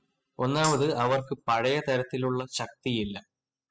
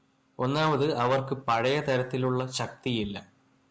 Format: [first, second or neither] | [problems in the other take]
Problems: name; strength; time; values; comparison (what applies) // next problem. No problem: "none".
second | noise reduction (classical method spectral subtraction)